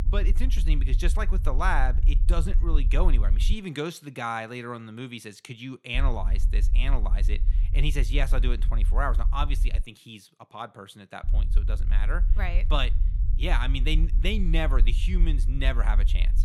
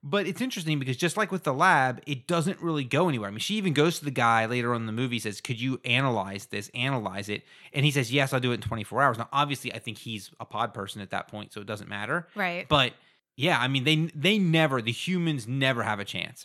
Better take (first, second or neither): second